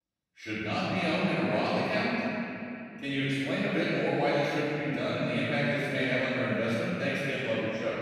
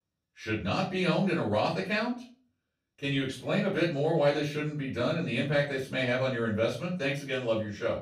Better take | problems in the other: second | room echo; strong; dies away in 2.8 s; slight in the second // off-mic speech; far; far in the second

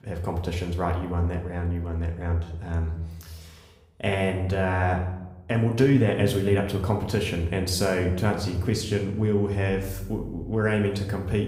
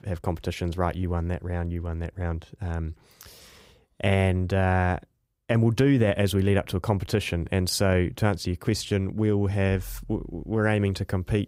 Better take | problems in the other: second | room echo; slight; dies away in 0.8 s // off-mic speech; somewhat distant

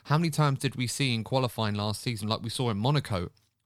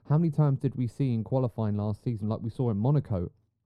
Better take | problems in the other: first | muffled; very; fading above 1 kHz

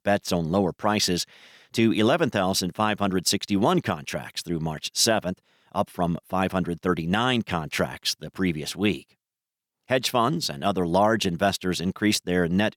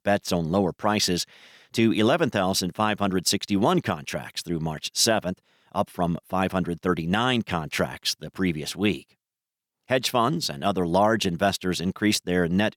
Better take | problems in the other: neither | none

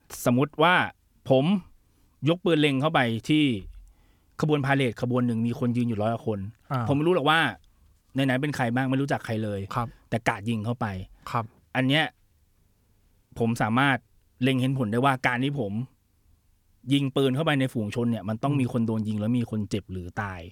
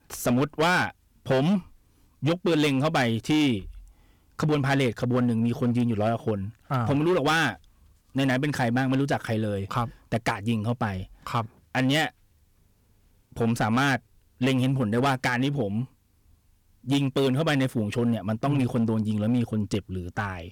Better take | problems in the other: first | distortion; slight; 8% of the sound clipped

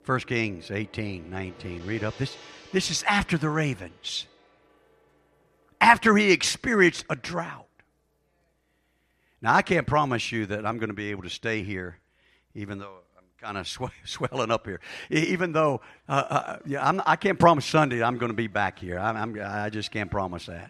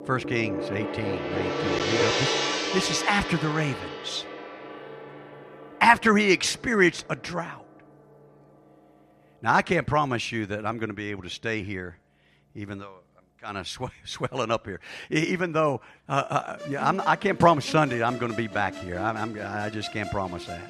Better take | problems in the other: first | background music; loud; throughout; 5 dB below the speech; faint in the first

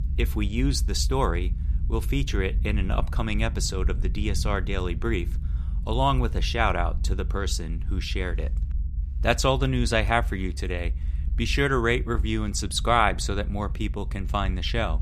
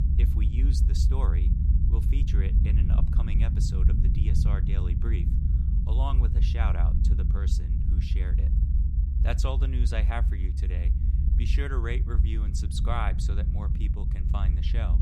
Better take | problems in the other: first | low rumble; loud; throughout; 3 dB below the speech; faint in the first

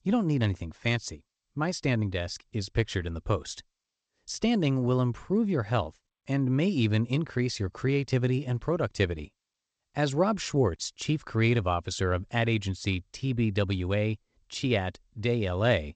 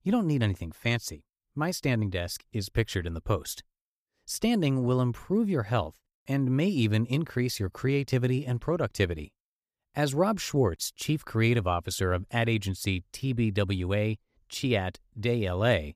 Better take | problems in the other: second | garbled, watery; slightly; nothing above 8 kHz

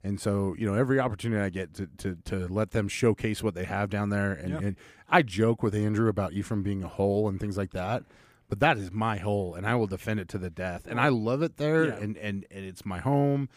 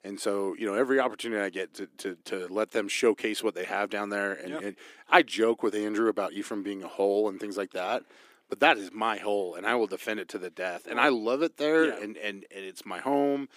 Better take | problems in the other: first | thin; somewhat; fading below 300 Hz

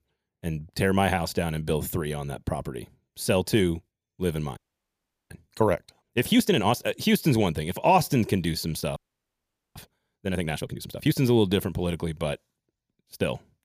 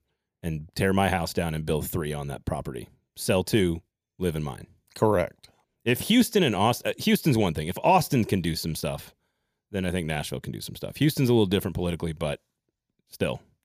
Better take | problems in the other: second | audio freezing; at 4.5 s for 0.5 s and at 9 s for 1 s

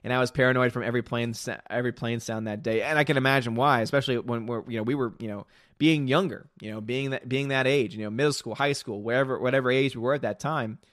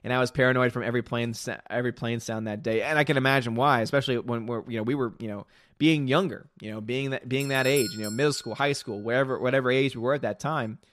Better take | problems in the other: first | doorbell; noticeable; at 7.5 s; peak 7 dB below the speech

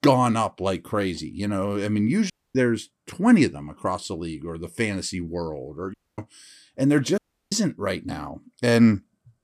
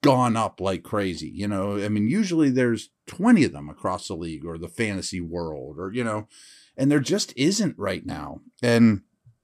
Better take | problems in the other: second | audio cutting out; at 2.5 s, at 6 s and at 7 s

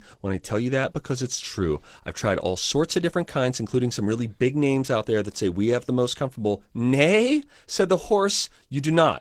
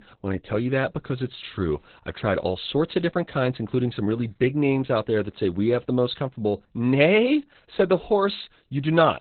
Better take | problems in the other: first | garbled, watery; badly; nothing above 4 kHz; slightly in the first

